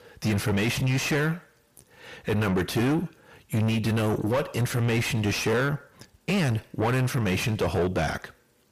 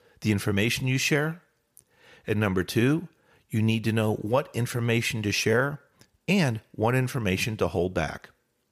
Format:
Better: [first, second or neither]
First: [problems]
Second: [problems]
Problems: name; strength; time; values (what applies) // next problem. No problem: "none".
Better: second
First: distortion; heavy; 6 dB below the speech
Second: none